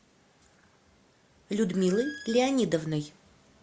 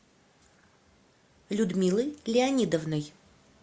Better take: second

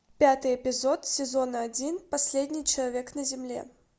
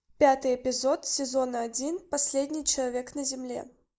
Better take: first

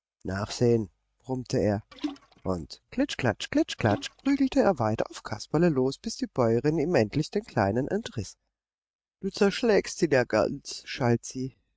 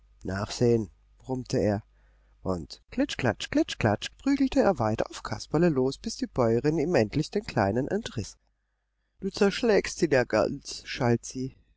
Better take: second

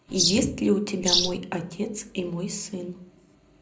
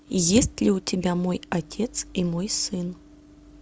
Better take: second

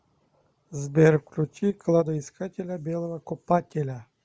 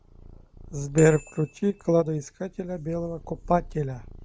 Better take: first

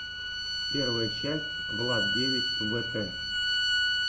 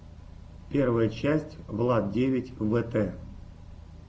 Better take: second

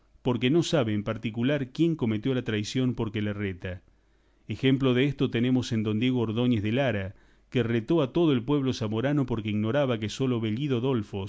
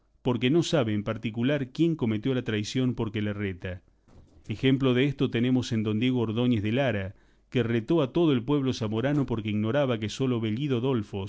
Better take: first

